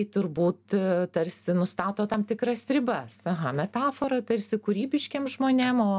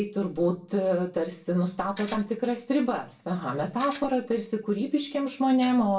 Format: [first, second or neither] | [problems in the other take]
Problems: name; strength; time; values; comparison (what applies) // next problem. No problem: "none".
first | background sound (Tools); 17 dB below the speech // room echo; dies away in 0.3 s